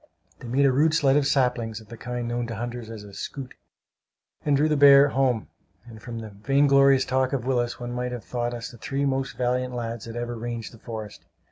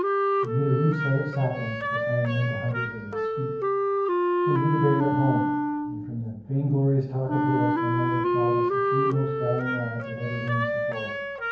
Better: first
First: none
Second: background sound (Wind instrument, woodwind instrument); 1 dB above the speech // room echo; dies away in 0.9 s

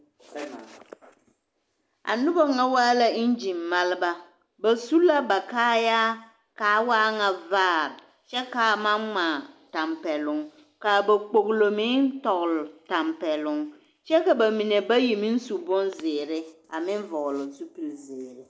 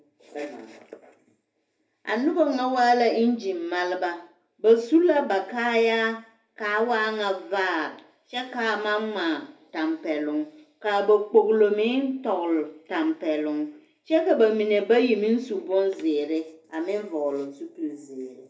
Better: first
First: none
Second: room echo; dies away in 0.3 s

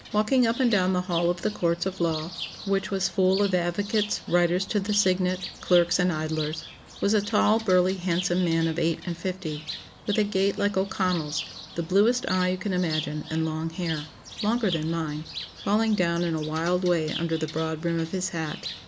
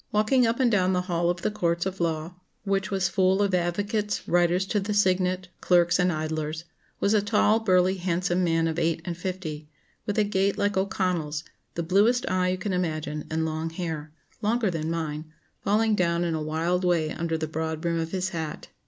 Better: second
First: background sound (Bird); 14 dB below the speech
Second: none

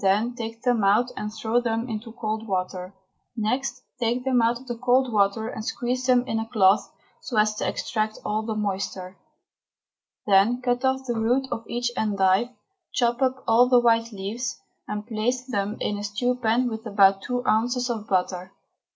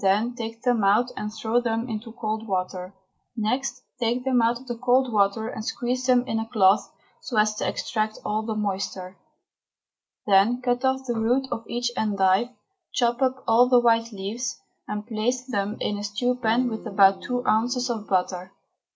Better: first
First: none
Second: background sound (Electric guitar / Strum); 18 dB below the speech

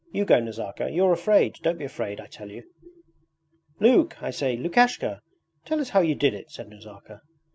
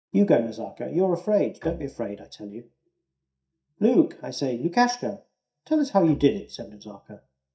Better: first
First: none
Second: noise reduction (neural mask model DeepFilterNet 3)

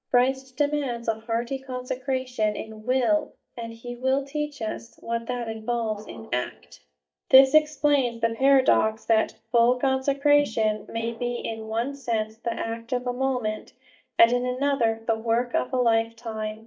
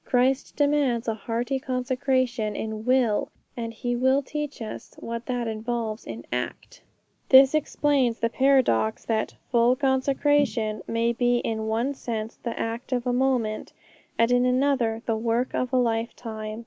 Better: second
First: noise reduction (neural mask model DeepFilterNet 3)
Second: none

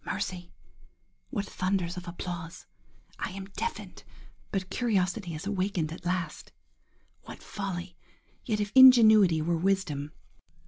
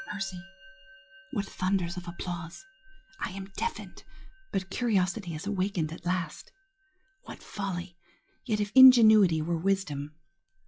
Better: first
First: none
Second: noise reduction (classical method log-MMSE)

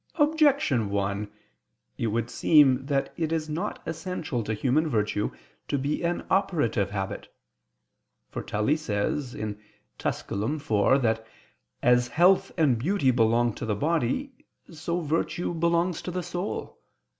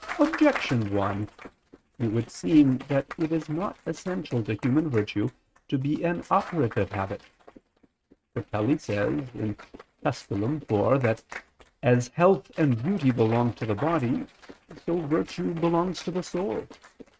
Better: first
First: none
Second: noise reduction (neural mask model RNNoise)

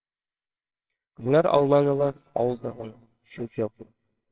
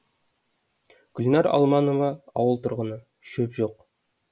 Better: second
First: noise reduction (neural separator model SepFormer WHAMR!)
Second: none

